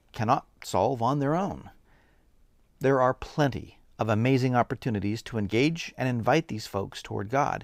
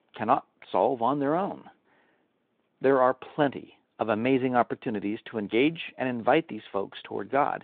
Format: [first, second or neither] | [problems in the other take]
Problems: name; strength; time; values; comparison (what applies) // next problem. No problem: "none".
first | phone-call audio